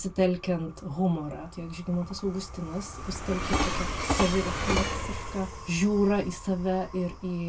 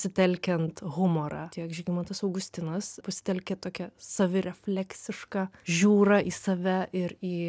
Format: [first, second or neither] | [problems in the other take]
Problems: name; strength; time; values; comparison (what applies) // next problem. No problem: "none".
second | background sound (Train); 4 dB below the speech // room echo; dies away in 0.1 s